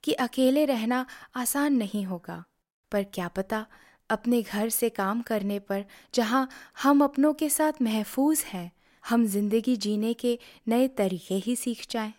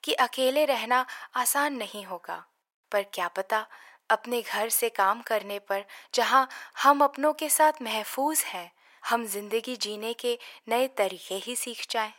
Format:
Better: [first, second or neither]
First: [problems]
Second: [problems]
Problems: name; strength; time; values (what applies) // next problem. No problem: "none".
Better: first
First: none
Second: thin; very; fading below 650 Hz